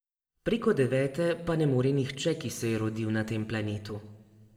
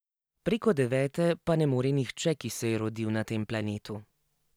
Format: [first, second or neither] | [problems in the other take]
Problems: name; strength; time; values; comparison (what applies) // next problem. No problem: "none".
second | room echo; dies away in 1 s